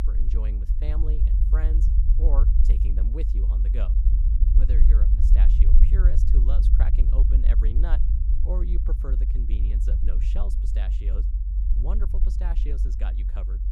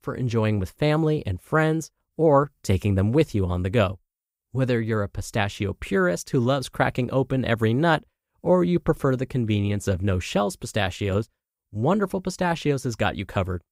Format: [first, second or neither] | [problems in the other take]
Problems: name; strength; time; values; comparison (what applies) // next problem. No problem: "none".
second | low rumble; loud; throughout; 1 dB below the speech